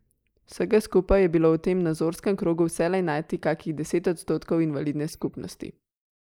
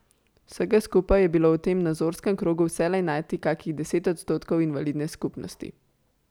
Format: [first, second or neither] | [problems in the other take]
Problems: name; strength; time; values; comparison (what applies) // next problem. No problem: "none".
second | noise reduction (neural mask model Resemble Enhance denoiser)